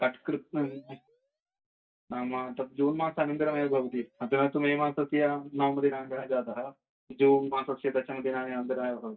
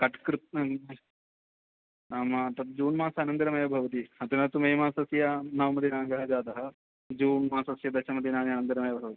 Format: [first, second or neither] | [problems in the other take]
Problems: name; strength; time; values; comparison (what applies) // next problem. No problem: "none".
second | noise reduction (neural mask model DeepFilterNet 3)